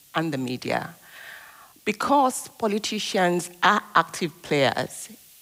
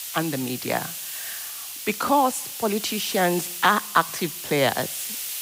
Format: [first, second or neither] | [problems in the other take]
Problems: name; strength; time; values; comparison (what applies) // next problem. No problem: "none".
first | hiss; loud; throughout; 7 dB below the speech; faint in the first